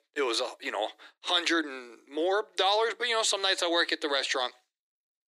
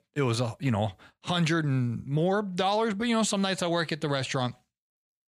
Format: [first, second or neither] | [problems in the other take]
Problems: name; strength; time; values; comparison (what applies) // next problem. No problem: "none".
second | thin; very; fading below 300 Hz